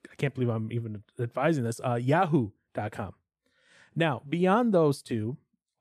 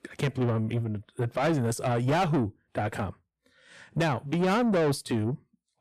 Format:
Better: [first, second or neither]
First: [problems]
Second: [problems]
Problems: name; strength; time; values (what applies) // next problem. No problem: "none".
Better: first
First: none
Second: distortion; heavy; 8 dB below the speech